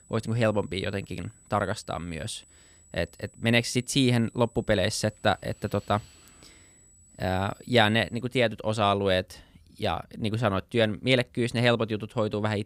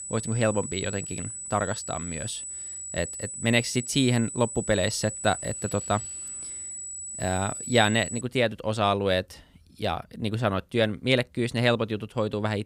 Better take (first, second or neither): first